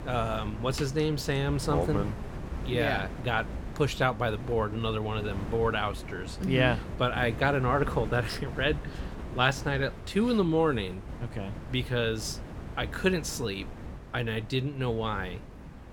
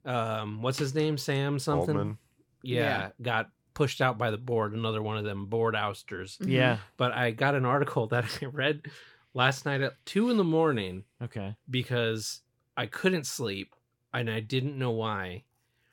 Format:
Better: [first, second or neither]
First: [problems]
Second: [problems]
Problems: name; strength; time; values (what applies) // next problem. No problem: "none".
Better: second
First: wind noise on the microphone; occasional gusts; 15 dB below the speech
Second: none